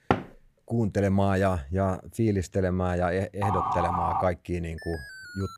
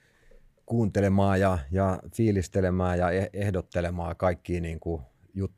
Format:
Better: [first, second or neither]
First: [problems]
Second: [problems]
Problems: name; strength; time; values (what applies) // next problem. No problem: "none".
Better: second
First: door banging; noticeable; at the start; peak 1 dB below the speech // siren; loud; at 3.5 s; peak 1 dB above the speech // alarm; faint; at 5 s; peak 15 dB below the speech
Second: none